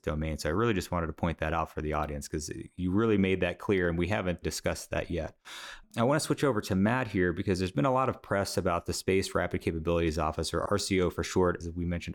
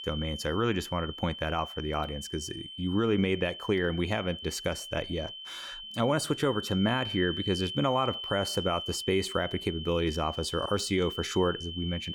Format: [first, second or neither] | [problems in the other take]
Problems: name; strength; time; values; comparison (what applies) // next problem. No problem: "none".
first | high-pitched whine; loud; throughout; 3 kHz, 8 dB below the speech